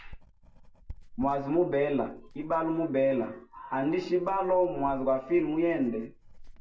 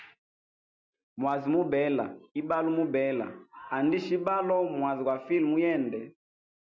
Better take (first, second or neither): second